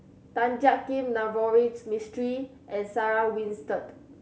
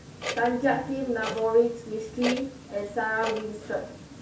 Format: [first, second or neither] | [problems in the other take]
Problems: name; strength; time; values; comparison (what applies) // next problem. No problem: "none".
first | background sound (Clock); 10 dB below the speech // room echo; dies away in 0.2 s